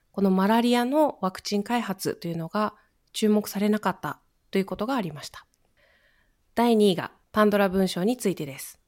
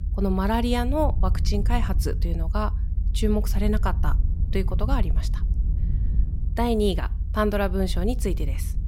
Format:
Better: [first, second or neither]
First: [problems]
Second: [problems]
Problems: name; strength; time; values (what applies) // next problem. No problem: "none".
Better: first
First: none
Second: low rumble; noticeable; throughout; 15 dB below the speech